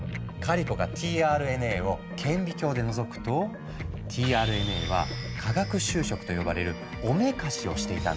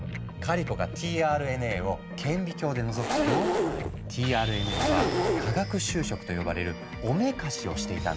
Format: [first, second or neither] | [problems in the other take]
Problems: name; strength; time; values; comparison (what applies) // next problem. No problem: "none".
first | background sound (Zipper (clothing)); 1 dB above the speech